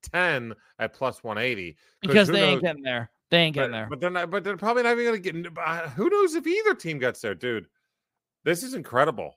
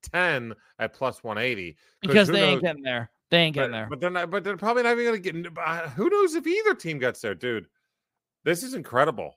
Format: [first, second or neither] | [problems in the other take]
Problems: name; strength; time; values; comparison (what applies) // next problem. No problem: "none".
neither | none